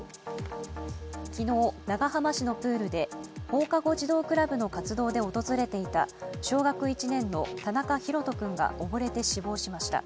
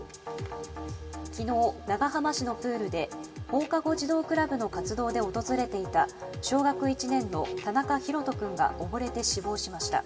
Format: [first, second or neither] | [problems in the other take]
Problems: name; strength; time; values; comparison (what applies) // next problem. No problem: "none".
first | room echo; dies away in 0.7 s